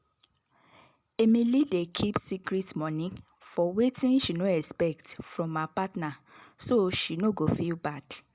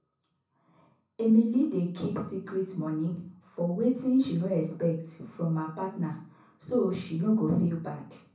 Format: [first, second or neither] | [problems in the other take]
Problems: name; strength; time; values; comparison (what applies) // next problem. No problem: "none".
first | room echo; dies away in 0.6 s